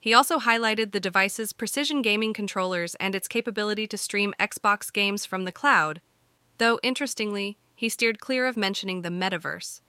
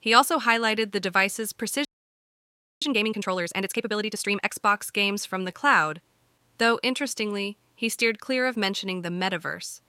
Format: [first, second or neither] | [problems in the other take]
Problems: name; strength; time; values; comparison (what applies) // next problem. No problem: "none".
first | audio freezing; at 2 s for 1 s